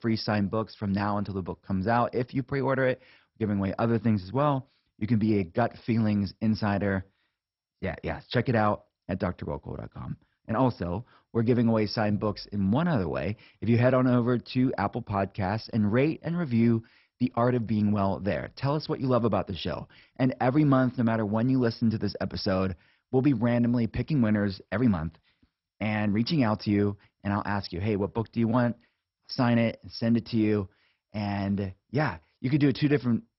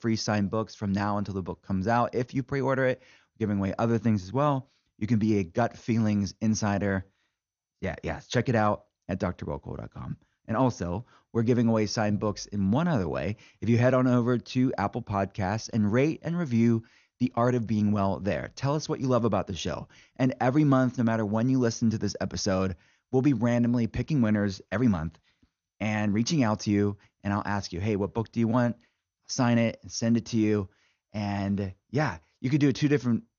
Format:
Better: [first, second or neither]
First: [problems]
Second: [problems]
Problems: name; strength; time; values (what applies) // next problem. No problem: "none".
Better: second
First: garbled, watery; badly; nothing above 5.5 kHz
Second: garbled, watery; slightly; nothing above 6.5 kHz